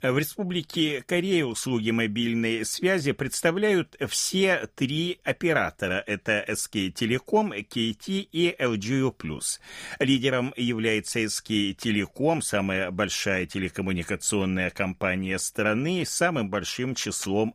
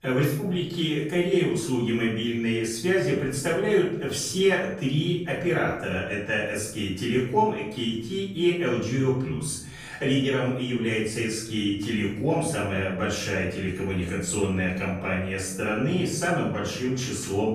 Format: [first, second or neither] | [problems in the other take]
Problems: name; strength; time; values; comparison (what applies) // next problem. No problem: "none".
first | room echo; noticeable; dies away in 0.8 s // off-mic speech; far